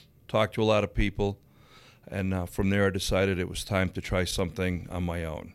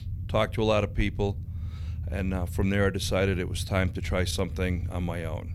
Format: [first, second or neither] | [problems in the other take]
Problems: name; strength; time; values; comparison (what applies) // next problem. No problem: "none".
first | low rumble; faint; throughout; 20 dB below the speech